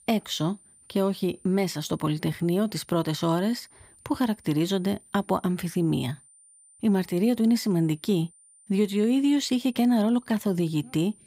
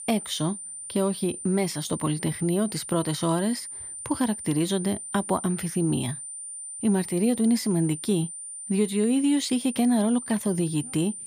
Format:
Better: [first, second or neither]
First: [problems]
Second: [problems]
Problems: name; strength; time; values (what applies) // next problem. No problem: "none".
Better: first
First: high-pitched whine; faint; throughout; 9 kHz, 25 dB below the speech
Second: high-pitched whine; loud; throughout; 9 kHz, 9 dB below the speech